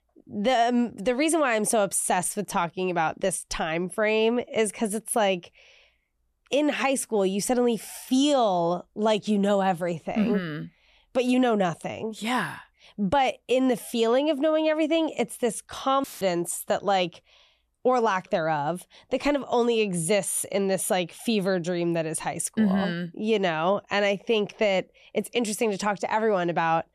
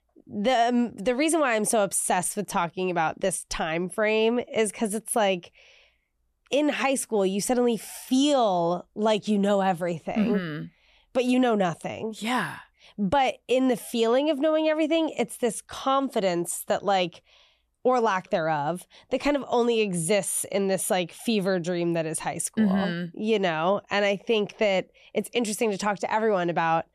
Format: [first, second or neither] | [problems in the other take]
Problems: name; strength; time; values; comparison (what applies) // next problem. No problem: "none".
second | audio cutting out; filled with static; at 16 s